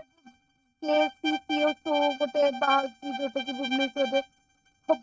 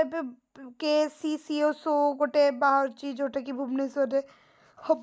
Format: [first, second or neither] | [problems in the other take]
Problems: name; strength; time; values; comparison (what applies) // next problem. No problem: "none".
second | noise reduction (neural mask model RNNoise)